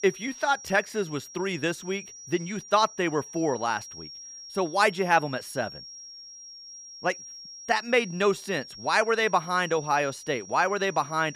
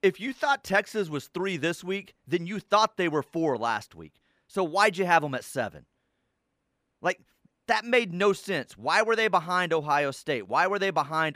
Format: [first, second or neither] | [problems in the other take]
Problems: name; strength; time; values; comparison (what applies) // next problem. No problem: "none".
second | high-pitched whine; noticeable; throughout; 5.5 kHz, 15 dB below the speech